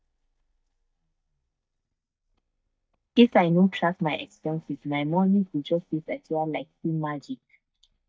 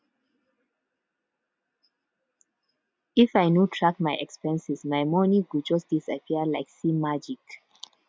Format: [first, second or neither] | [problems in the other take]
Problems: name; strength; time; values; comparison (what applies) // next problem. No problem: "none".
second | noise reduction (neural mask model DeepFilterNet 3)